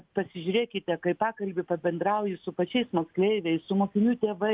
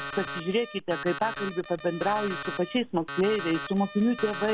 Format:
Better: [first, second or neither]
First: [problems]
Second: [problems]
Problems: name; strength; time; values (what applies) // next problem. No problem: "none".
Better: first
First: none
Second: background sound (Alarm); 10 dB below the speech